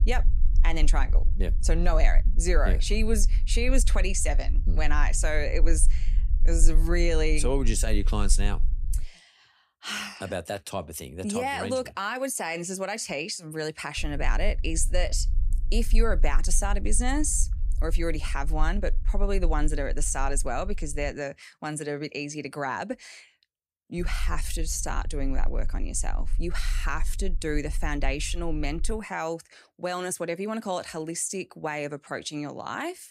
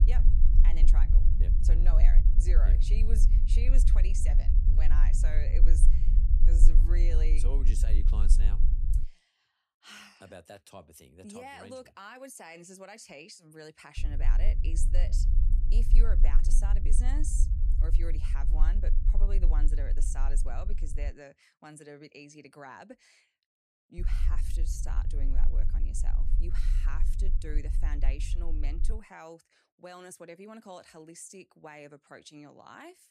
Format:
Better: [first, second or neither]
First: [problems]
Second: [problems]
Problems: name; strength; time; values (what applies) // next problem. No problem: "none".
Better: first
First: low rumble; faint; until 9 s, from 14 to 21 s and from 24 to 29 s; 20 dB below the speech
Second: low rumble; loud; until 9 s, from 14 to 21 s and from 24 to 29 s; 5 dB below the speech